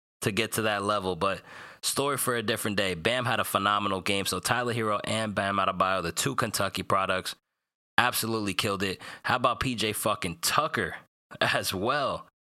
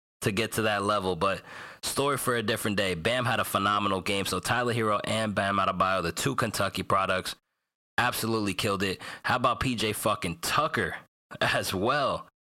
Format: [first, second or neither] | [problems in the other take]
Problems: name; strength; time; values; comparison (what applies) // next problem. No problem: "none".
first | distortion; slight; 10 dB below the speech